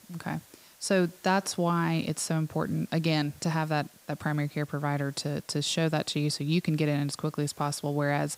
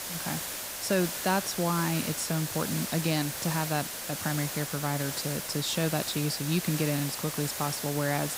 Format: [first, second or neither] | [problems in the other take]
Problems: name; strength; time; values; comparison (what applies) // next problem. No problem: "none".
first | hiss; loud; throughout; 3 dB below the speech; faint in the first